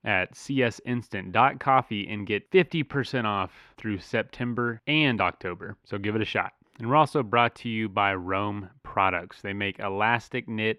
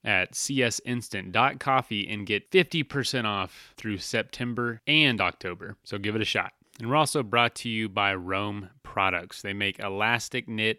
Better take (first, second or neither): second